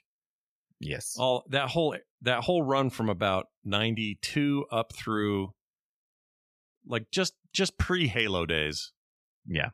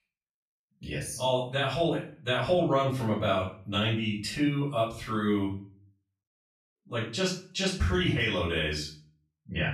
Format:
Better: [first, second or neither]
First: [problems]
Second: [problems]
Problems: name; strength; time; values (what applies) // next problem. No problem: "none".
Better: first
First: none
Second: off-mic speech; far // room echo; noticeable; dies away in 0.4 s